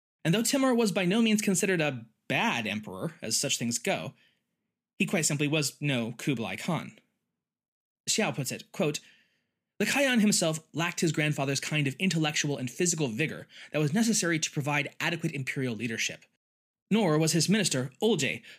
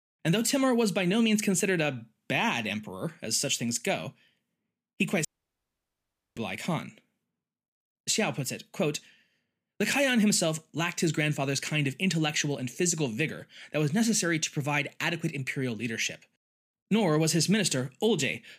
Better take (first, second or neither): first